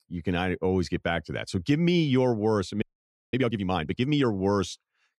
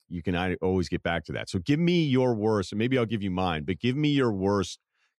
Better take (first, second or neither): second